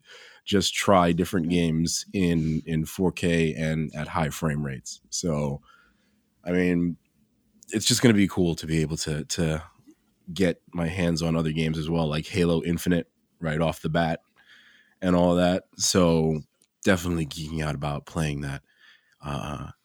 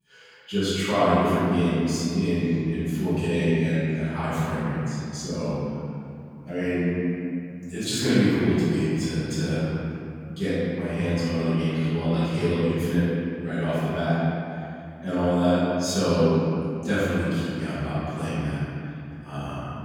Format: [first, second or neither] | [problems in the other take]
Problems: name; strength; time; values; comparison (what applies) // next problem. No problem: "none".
first | off-mic speech; far // room echo; strong; dies away in 2.7 s